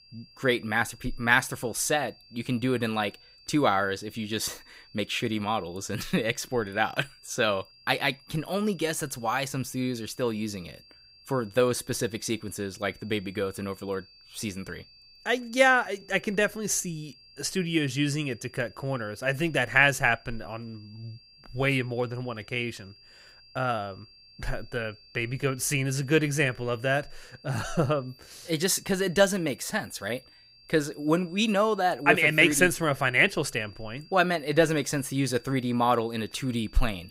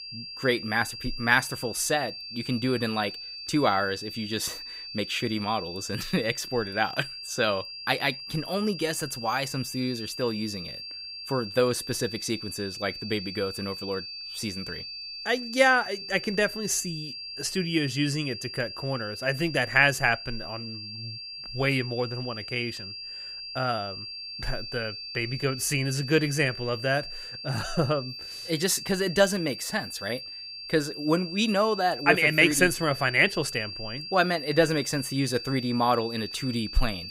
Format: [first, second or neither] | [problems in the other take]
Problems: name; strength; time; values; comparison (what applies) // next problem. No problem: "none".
first | high-pitched whine; loud; throughout; 4.5 kHz, 9 dB below the speech; faint in the first